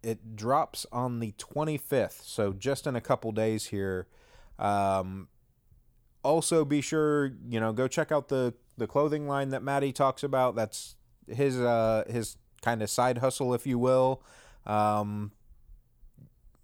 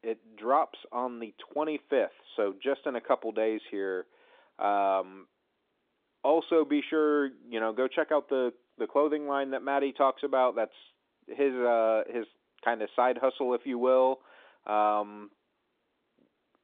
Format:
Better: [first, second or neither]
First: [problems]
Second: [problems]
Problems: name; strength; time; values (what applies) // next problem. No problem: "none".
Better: first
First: none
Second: phone-call audio